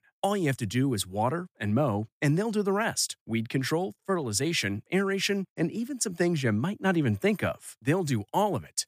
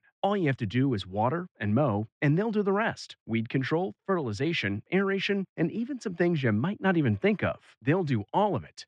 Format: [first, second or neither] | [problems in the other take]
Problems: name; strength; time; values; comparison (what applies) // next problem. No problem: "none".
first | muffled; slightly; fading above 3.5 kHz